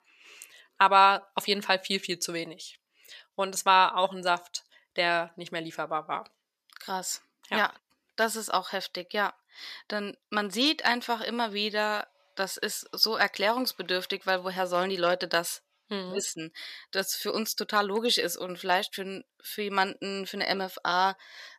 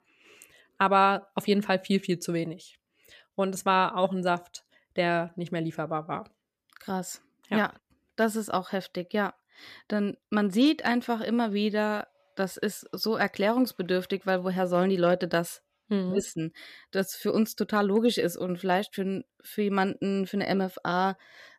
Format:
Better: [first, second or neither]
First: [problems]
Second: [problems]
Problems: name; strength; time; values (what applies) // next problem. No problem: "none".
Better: second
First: thin; somewhat; fading below 1 kHz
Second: none